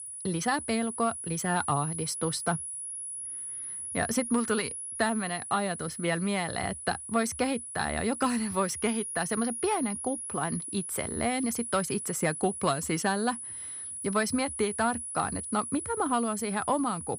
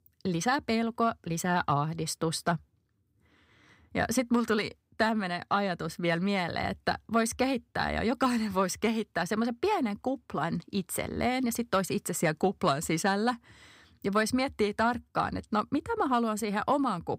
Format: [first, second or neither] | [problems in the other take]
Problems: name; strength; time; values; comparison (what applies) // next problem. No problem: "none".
second | high-pitched whine; loud; throughout; 10 kHz, 5 dB below the speech